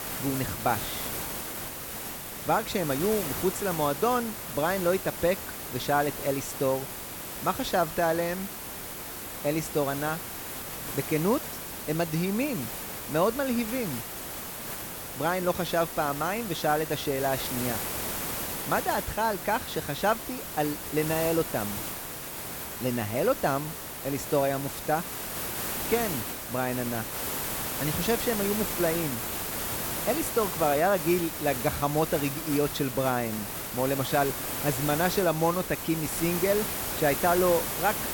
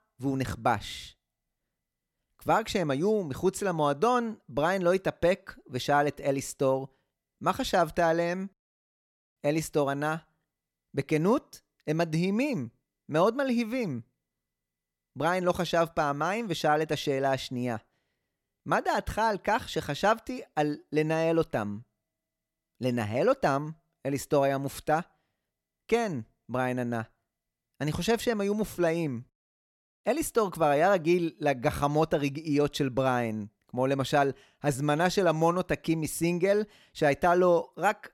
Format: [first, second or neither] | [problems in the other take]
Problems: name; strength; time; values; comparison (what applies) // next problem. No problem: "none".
second | hiss; loud; throughout; 4 dB below the speech